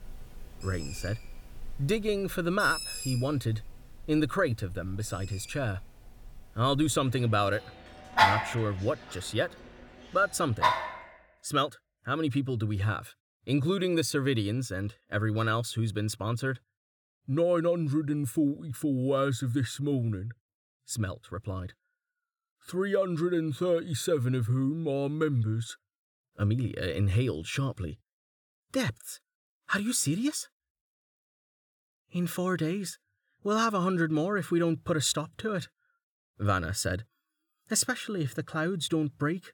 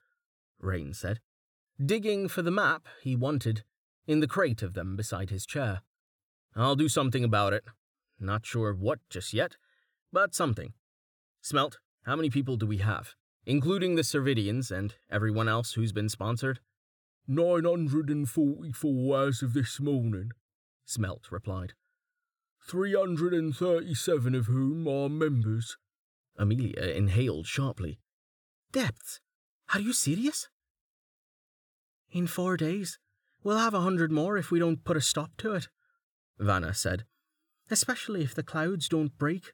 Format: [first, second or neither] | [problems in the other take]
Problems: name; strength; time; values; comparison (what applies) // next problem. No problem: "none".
second | animal sounds; very loud; until 11 s; as loud as the speech